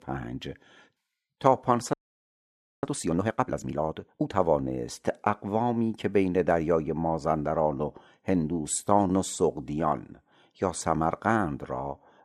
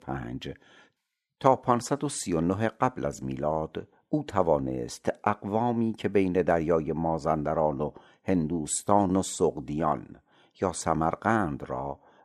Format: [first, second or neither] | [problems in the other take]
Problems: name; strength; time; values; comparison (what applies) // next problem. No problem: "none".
second | audio freezing; at 2 s for 1 s